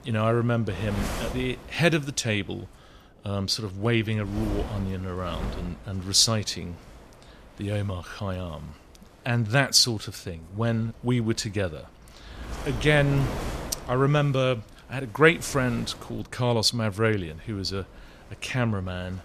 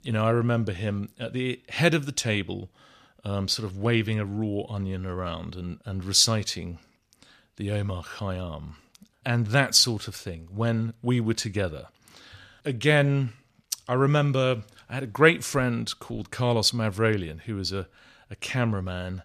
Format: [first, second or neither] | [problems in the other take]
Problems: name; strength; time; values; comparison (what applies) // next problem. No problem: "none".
second | wind noise on the microphone; occasional gusts; 15 dB below the speech